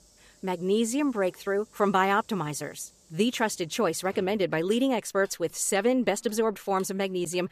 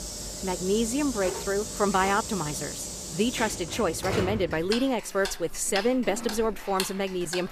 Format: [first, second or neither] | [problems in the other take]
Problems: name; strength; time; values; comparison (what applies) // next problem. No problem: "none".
first | household noises; loud; throughout; 7 dB below the speech; faint in the first